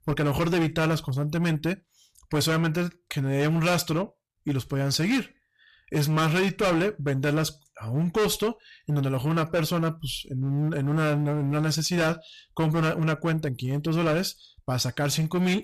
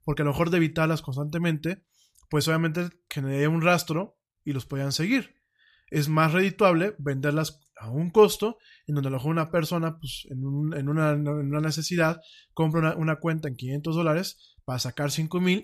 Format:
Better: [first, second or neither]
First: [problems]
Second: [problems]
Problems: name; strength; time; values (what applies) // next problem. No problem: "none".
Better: second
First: distortion; heavy; 15% of the sound clipped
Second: none